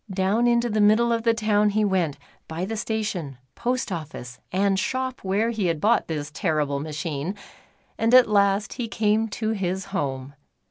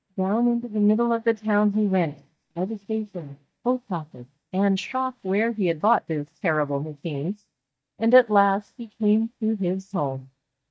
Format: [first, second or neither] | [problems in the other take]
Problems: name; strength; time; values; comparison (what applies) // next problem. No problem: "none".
first | noise reduction (neural mask model DeepFilterNet 3)